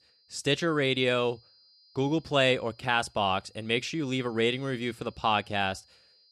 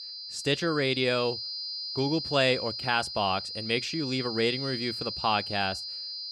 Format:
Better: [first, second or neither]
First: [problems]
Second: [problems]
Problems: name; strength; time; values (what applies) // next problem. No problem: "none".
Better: first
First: high-pitched whine; faint; throughout; 4.5 kHz, 30 dB below the speech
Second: high-pitched whine; loud; throughout; 4.5 kHz, 5 dB below the speech